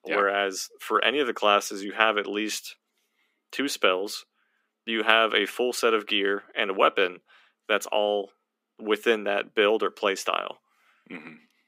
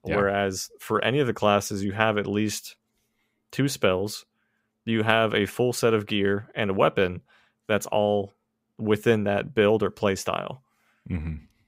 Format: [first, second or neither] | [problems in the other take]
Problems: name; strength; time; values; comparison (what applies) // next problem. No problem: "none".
second | thin; somewhat; fading below 250 Hz